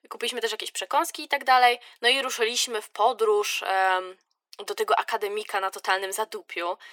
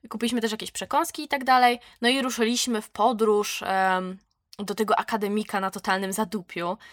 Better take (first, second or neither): second